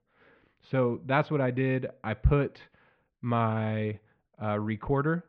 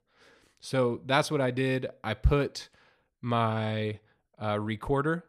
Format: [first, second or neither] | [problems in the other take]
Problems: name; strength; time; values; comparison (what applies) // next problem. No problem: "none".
second | muffled; very; fading above 2.5 kHz